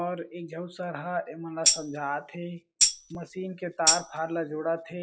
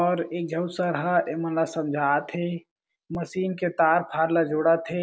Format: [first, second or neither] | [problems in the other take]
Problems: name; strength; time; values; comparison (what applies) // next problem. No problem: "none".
second | noise reduction (classical method log-MMSE)